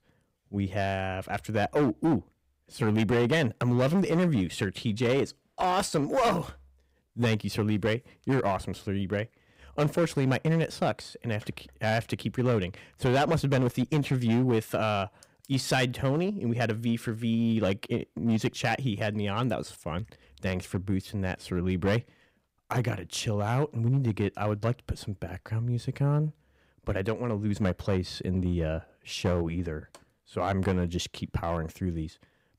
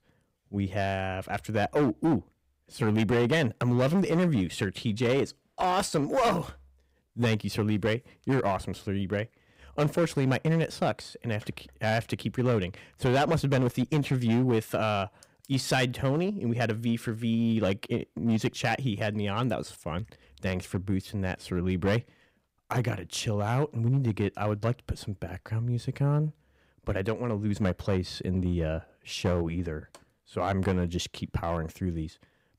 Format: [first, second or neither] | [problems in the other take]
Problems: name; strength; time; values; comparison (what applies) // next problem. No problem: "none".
neither | distortion; slight; 7% of the sound clipped; the same in both